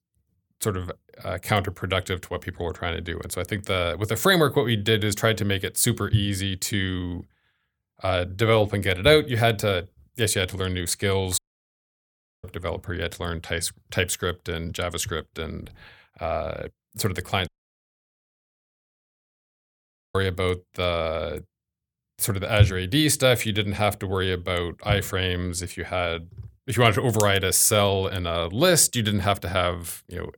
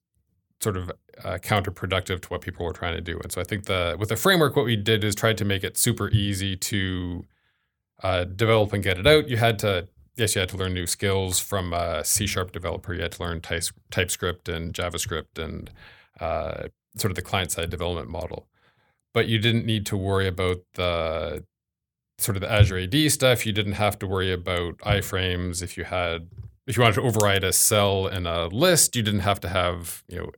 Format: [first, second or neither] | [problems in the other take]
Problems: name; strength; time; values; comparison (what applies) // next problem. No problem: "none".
second | audio cutting out; at 11 s for 1 s and at 17 s for 2.5 s